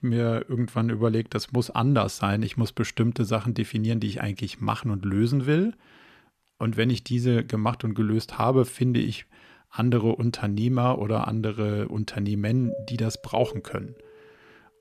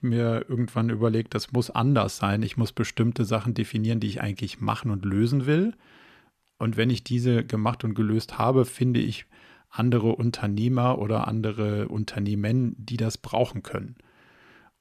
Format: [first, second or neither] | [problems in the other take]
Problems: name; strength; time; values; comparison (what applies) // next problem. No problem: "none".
second | doorbell; faint; from 13 to 14 s; peak 10 dB below the speech